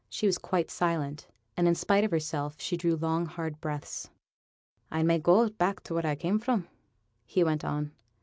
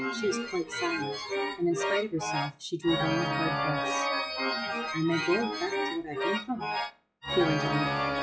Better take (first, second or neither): first